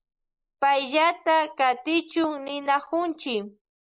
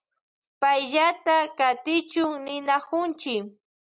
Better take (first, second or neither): second